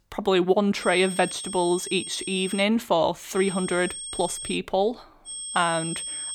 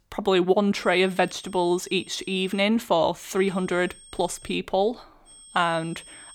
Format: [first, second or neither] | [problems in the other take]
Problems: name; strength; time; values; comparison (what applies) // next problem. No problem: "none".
second | high-pitched whine; loud; from 1 to 2.5 s, from 3.5 to 4.5 s and from 5.5 s on; 8.5 kHz, 8 dB below the speech; faint in the second